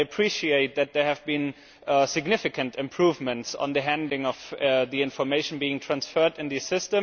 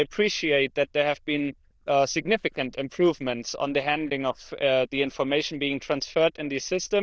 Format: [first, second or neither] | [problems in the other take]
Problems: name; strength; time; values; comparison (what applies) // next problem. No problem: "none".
first | noise reduction (neural diffusion model UNIVERSE++)